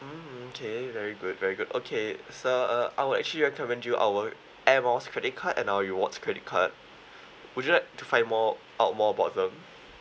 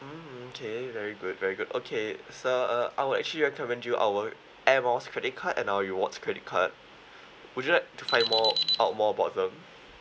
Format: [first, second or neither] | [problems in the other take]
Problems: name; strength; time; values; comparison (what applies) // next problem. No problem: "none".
first | background sound (Alarm); 3 dB below the speech